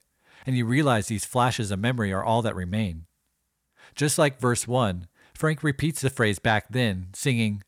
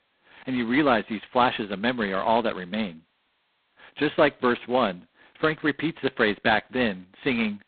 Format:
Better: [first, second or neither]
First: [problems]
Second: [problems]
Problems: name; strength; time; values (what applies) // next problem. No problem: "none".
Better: first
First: none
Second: phone-call audio; poor line; nothing above 4 kHz